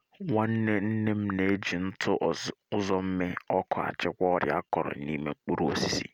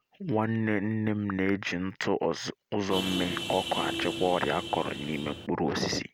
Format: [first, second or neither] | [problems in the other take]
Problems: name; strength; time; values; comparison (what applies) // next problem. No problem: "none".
first | background sound (Vehicle horn, car horn, honking); 6 dB below the speech